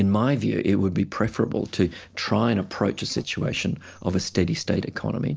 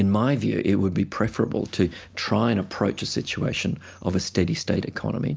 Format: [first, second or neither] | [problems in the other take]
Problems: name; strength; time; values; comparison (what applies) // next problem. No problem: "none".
second | noise reduction (neural separator model SepFormer DNS4)